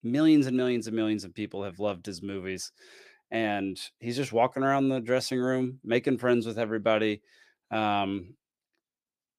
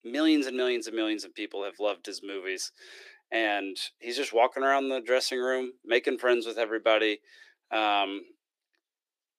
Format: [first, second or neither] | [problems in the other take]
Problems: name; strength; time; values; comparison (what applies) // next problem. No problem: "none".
first | thin; somewhat; fading below 300 Hz